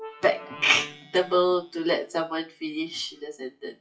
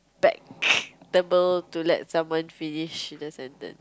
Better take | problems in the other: second | noise reduction (classical method WPE with log-MMSE)

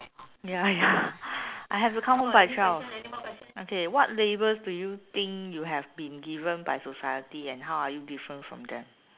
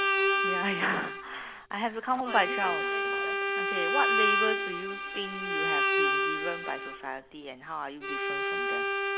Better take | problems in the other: first | background sound (Bowed string instrument); 4 dB above the speech

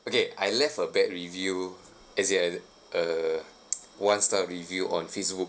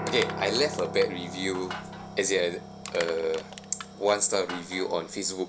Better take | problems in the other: first | background sound (Piano + Crushing); 9 dB below the speech

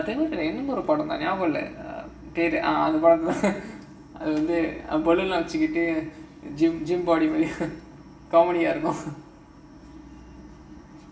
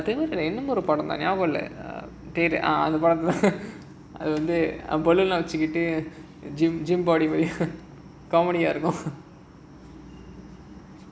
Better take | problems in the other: second | room echo; dies away in 0.6 s

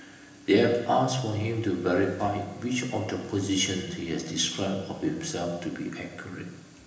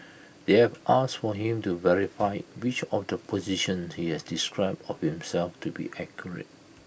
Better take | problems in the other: second | room echo; dies away in 1 s

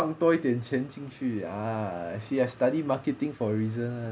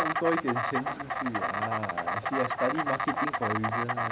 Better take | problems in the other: first | background sound (Insect); 2 dB above the speech

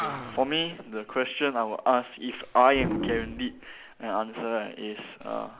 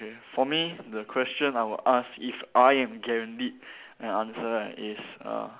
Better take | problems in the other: second | background sound (Animal); 10 dB below the speech

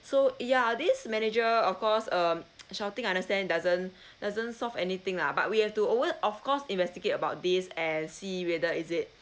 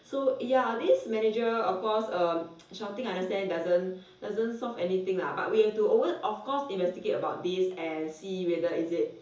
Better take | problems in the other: first | room echo; dies away in 0.7 s

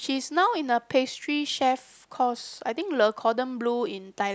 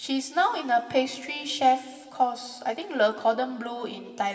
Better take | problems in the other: first | room echo; dies away in 1.9 s

